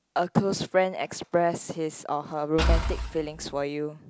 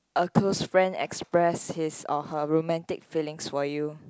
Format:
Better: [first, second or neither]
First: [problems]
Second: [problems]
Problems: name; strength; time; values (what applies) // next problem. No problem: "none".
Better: second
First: background sound (Engine / Car); 1 dB above the speech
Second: none